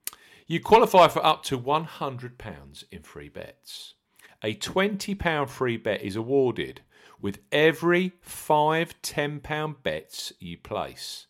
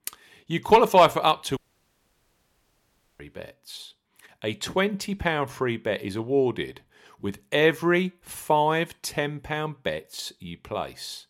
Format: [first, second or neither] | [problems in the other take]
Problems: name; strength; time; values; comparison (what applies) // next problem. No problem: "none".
first | audio cutting out; at 1.5 s for 1.5 s